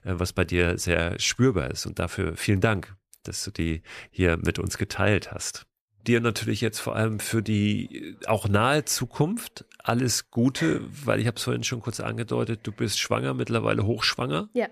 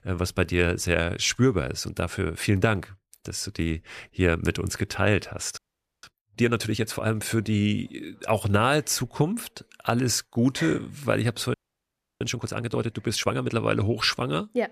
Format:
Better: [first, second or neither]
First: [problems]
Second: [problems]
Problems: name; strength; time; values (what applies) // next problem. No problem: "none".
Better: first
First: none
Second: audio freezing; at 5.5 s and at 12 s for 0.5 s